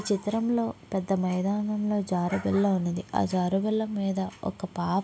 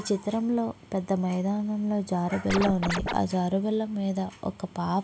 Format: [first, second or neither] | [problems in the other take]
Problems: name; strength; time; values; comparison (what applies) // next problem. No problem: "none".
first | background sound (Scratching (performance technique)); 3 dB below the speech